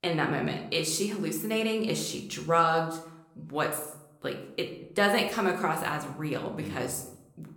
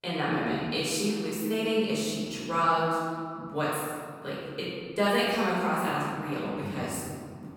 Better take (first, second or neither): first